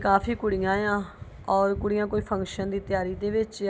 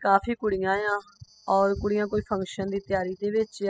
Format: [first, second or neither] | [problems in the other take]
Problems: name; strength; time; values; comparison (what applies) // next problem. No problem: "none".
first | noise reduction (classical method spectral subtraction)